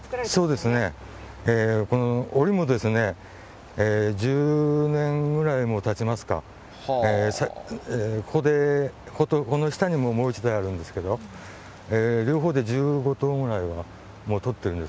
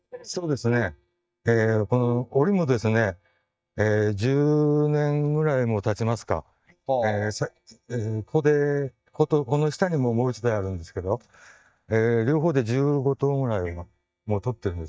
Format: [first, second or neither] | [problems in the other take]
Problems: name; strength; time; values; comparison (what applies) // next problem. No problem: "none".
first | noise reduction (neural mask model DeepFilterNet 3)